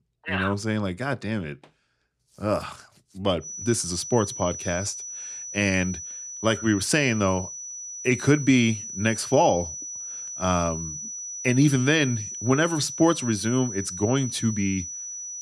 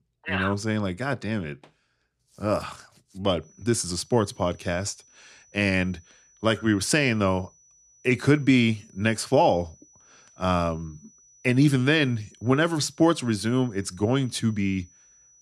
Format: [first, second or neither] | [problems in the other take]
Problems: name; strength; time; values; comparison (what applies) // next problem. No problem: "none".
second | high-pitched whine; loud; from 3.5 s on; 6 kHz, 8 dB below the speech; faint in the second